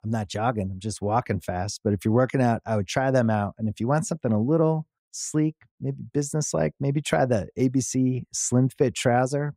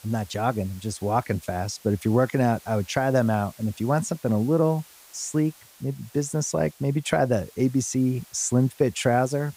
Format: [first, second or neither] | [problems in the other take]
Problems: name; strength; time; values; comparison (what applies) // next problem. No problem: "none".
first | hiss; faint; throughout; 25 dB below the speech